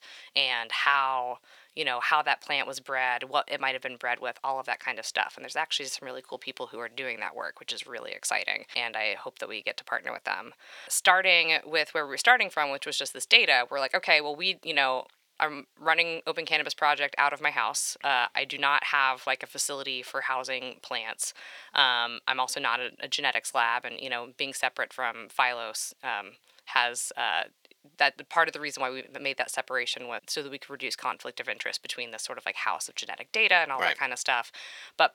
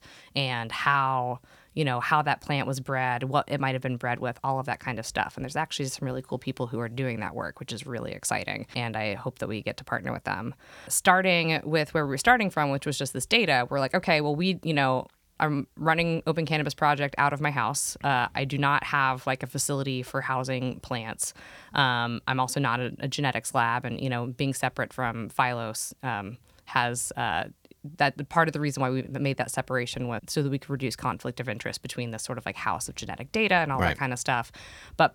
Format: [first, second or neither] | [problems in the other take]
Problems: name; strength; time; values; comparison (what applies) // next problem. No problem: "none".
second | thin; very; fading below 550 Hz